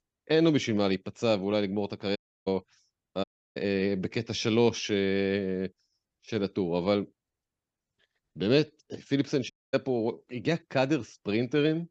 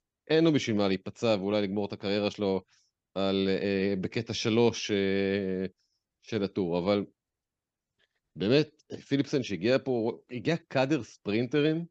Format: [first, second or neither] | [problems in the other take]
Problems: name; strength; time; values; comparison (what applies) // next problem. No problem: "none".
second | audio cutting out; at 2 s, at 3 s and at 9.5 s